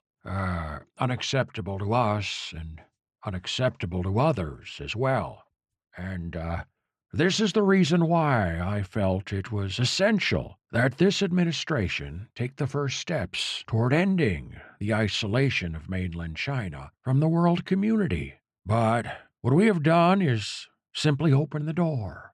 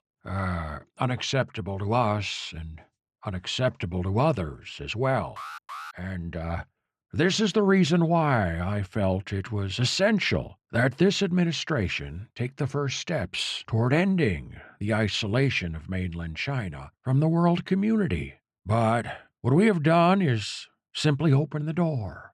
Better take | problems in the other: first | alarm; faint; at 5.5 s; peak 10 dB below the speech

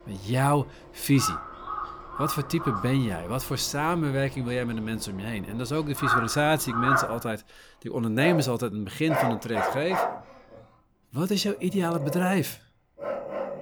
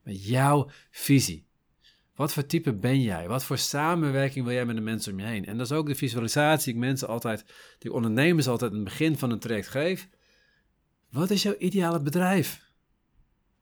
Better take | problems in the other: second | animal sounds; loud; throughout; 3 dB below the speech

